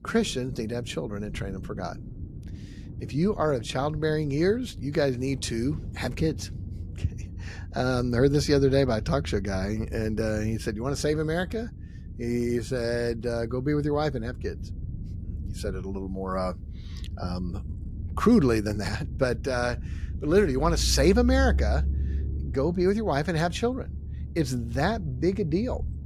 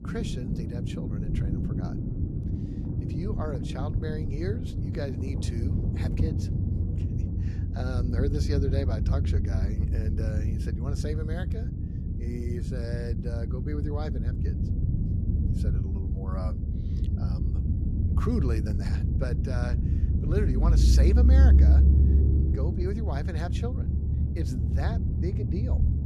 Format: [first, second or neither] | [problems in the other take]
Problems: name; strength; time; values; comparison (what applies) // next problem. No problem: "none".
first | low rumble; loud; throughout; 2 dB below the speech; faint in the first